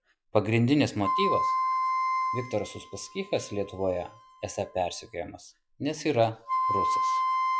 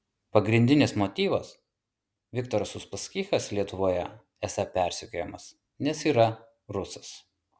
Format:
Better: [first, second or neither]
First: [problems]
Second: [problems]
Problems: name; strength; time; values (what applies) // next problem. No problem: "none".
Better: second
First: noise reduction (classical method log-MMSE)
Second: none